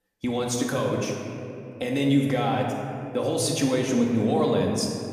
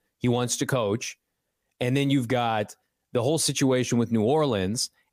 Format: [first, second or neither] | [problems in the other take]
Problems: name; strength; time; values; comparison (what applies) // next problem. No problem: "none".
second | room echo; noticeable; dies away in 2.2 s // off-mic speech; somewhat distant